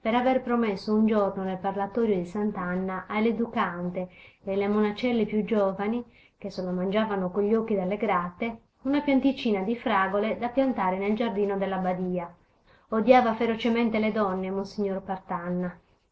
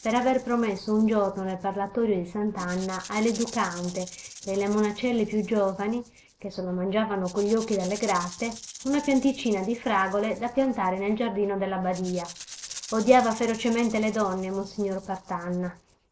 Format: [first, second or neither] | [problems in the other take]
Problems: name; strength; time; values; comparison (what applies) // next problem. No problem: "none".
first | background sound (Rattle (instrument)); 18 dB below the speech